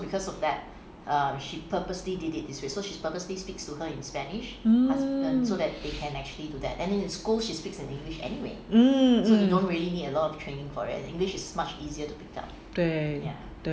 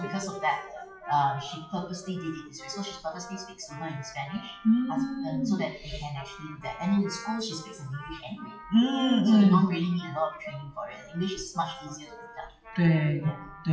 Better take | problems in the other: first | noise reduction (classical method WPE with log-MMSE)

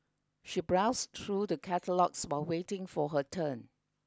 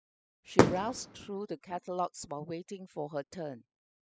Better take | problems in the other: first | noise reduction (classical method spectral subtraction)

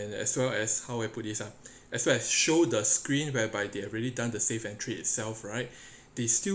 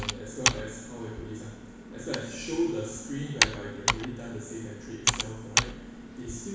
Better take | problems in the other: first | background sound (Computer keyboard); 4 dB above the speech // room echo; dies away in 1.1 s

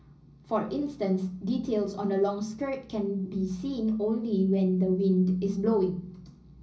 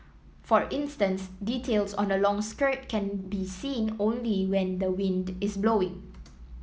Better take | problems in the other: second | room echo; dies away in 0.5 s

